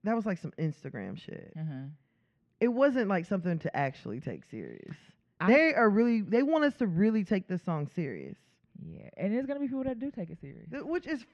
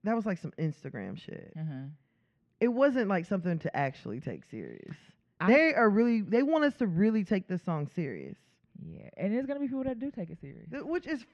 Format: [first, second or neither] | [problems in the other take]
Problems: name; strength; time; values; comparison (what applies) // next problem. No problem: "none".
neither | muffled; slightly; fading above 2 kHz; the same in both